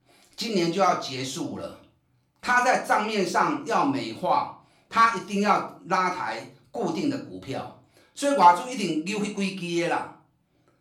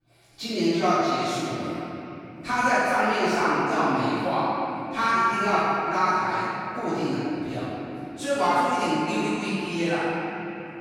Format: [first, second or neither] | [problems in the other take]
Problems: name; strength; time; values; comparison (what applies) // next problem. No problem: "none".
first | room echo; strong; dies away in 3 s; slight in the first // off-mic speech; far; far in the first